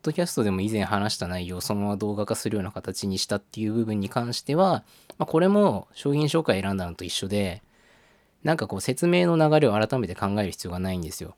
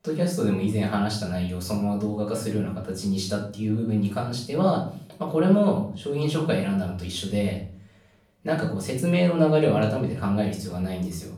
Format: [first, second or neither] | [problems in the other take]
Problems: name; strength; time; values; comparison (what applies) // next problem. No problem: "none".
first | off-mic speech; far // room echo; noticeable; dies away in 0.5 s